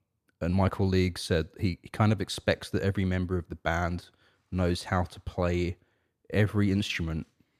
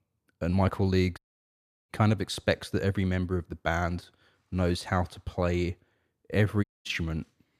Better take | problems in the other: first | audio cutting out; at 1 s for 0.5 s and at 6.5 s

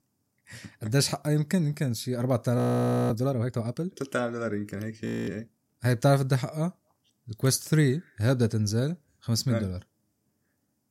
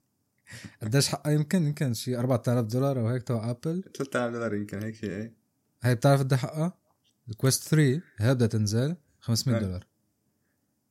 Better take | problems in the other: second | audio freezing; at 2.5 s for 0.5 s and at 5 s

